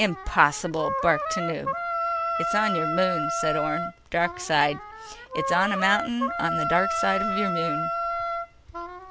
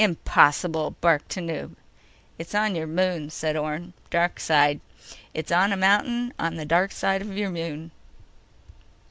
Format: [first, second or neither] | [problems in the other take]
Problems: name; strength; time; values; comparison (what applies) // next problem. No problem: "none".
second | background sound (Wind instrument, woodwind instrument); 2 dB below the speech